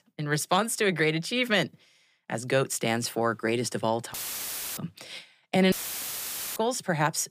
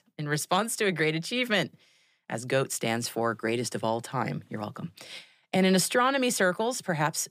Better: second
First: audio cutting out; filled with static; at 4 s for 0.5 s and at 5.5 s for 1 s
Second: none

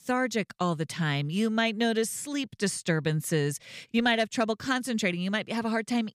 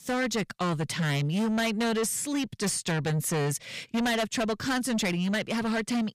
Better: first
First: none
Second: distortion; heavy; 7 dB below the speech

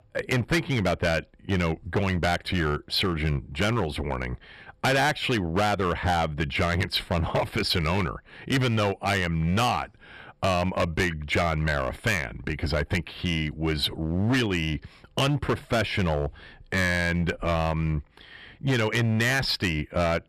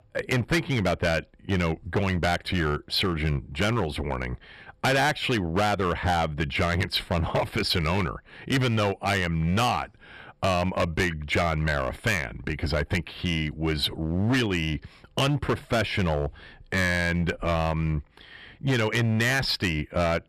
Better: neither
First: distortion; heavy; 10% of the sound clipped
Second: distortion; heavy; 10% of the sound clipped

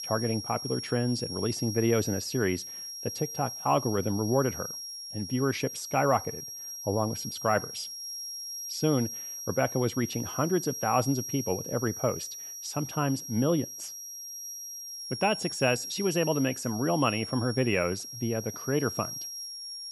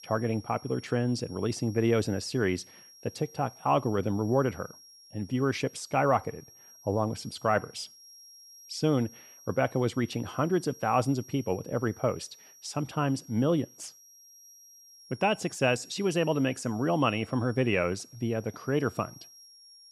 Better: second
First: high-pitched whine; loud; throughout; 5.5 kHz, 7 dB below the speech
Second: high-pitched whine; faint; throughout; 5.5 kHz, 20 dB below the speech

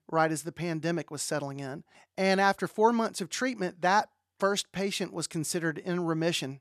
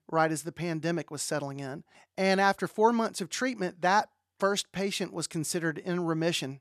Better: neither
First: none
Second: none

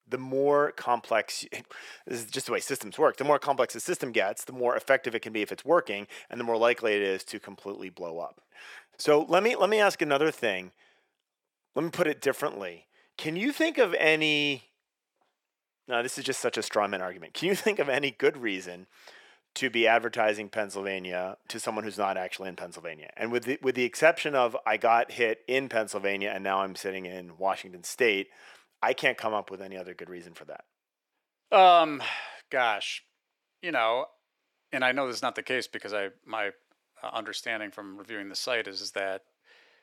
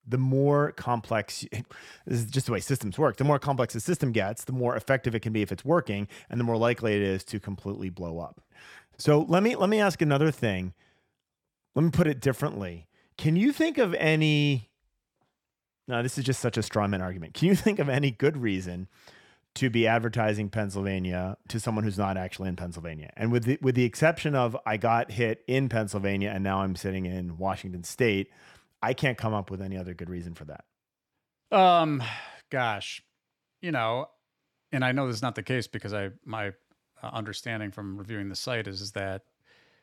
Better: second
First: thin; somewhat; fading below 450 Hz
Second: none

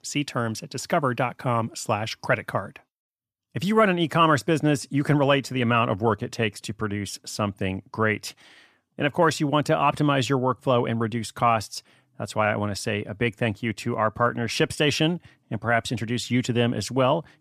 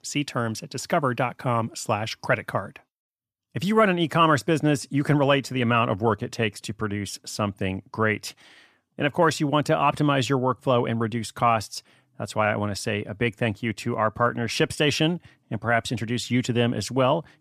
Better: neither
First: none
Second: none

